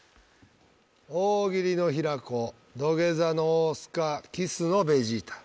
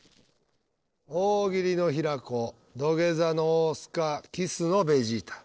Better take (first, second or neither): first